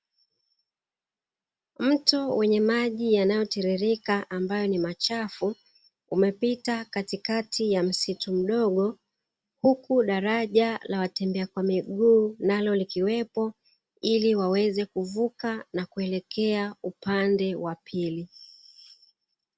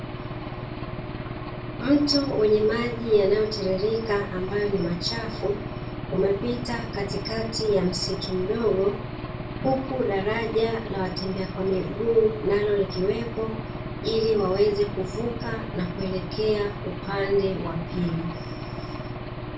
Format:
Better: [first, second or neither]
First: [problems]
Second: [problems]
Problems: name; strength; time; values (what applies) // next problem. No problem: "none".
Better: first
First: none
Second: background sound (Engine / Aircraft); 7 dB below the speech // room echo; dies away in 0.3 s